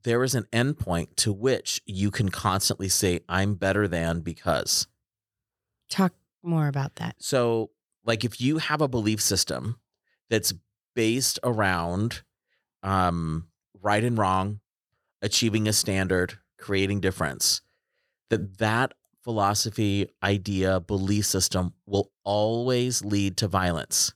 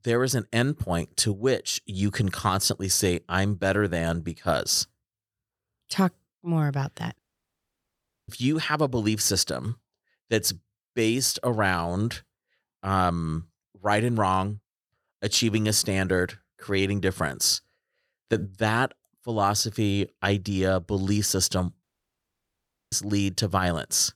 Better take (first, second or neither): first